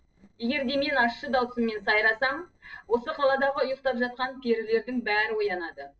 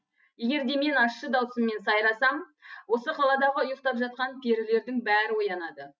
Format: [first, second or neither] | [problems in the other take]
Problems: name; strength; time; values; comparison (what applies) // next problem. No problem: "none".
second | noise reduction (neural separator model SepFormer DNS4)